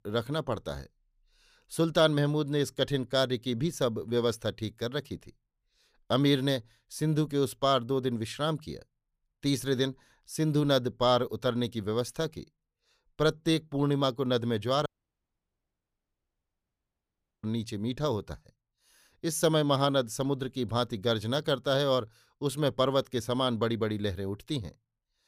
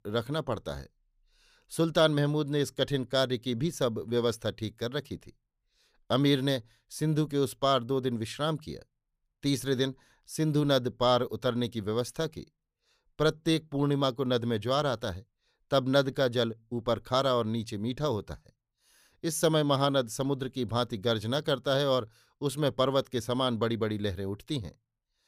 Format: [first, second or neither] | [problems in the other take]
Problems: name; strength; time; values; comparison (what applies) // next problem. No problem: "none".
second | audio cutting out; at 15 s for 2.5 s